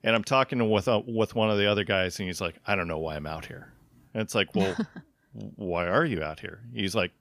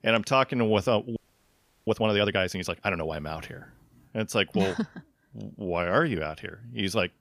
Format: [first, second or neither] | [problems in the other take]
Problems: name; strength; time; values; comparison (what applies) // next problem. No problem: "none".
first | audio freezing; at 1 s for 0.5 s